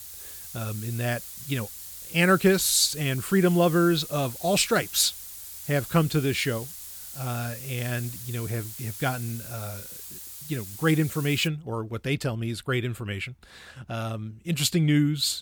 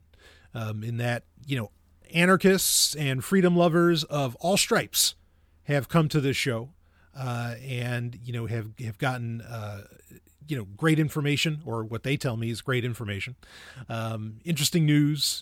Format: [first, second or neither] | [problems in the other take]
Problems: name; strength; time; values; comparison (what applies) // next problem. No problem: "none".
second | hiss; noticeable; until 11 s; 10 dB below the speech